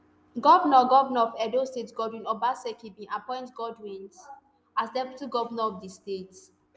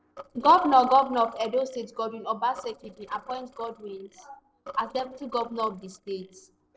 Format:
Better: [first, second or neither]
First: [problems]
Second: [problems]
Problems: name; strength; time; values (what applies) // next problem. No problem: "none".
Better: first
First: none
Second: noise reduction (neural separator model SepFormer DNS4)